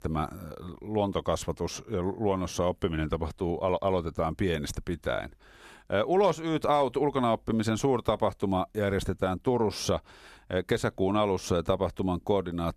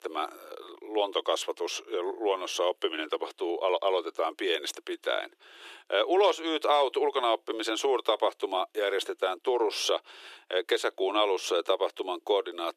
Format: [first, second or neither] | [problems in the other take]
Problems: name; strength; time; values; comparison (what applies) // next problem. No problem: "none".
first | thin; very; fading below 350 Hz